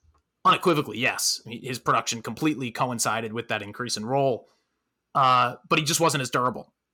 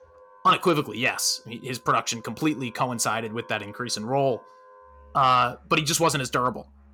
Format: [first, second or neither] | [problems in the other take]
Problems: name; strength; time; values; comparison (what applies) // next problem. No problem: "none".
first | background music; faint; throughout; 25 dB below the speech